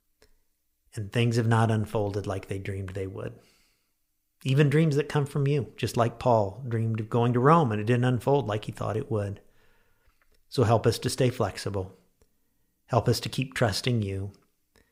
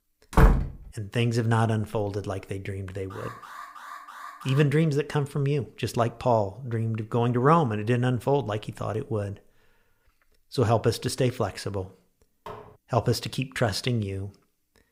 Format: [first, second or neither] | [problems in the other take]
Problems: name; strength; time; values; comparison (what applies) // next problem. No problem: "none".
first | door banging; loud; at 0.5 s; peak 5 dB above the speech // alarm; faint; from 3 to 4.5 s; peak 15 dB below the speech // clattering dishes; faint; at 12 s; peak 15 dB below the speech